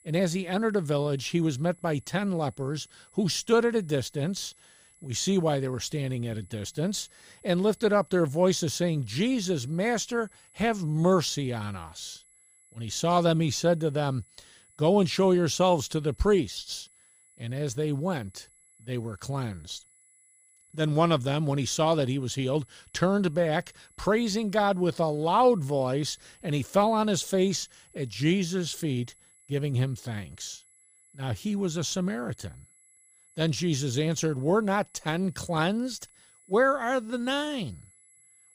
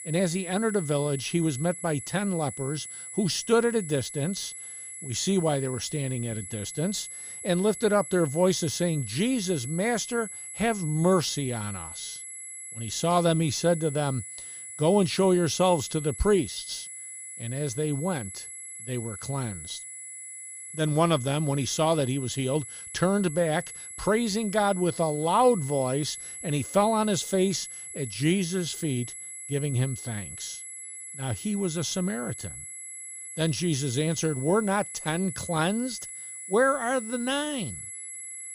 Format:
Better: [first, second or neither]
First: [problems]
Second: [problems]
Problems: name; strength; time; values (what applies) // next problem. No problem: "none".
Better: first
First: high-pitched whine; faint; throughout; 11 kHz, 30 dB below the speech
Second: high-pitched whine; loud; throughout; 11 kHz, 10 dB below the speech